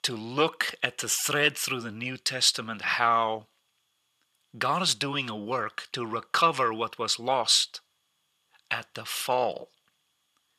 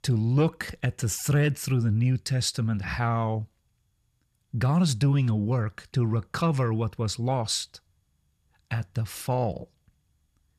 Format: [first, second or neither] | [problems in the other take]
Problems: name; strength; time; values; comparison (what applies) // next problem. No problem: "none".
second | thin; very; fading below 450 Hz